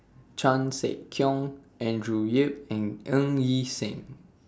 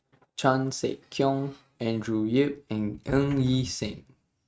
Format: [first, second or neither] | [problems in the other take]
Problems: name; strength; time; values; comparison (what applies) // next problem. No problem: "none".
first | noise reduction (neural mask model RNNoise)